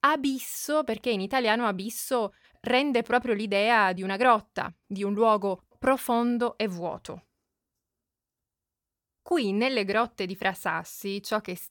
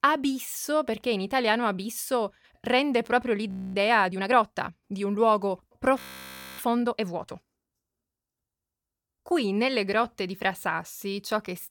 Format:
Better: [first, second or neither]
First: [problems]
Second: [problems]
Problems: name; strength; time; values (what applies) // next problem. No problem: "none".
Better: first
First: none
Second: audio freezing; at 3.5 s and at 6 s for 0.5 s